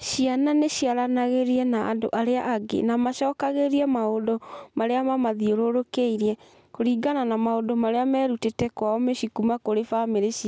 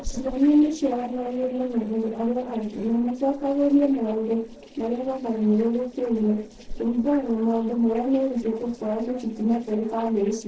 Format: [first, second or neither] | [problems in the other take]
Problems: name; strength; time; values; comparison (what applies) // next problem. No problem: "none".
first | noise reduction (neural separator model SepFormer DNS4)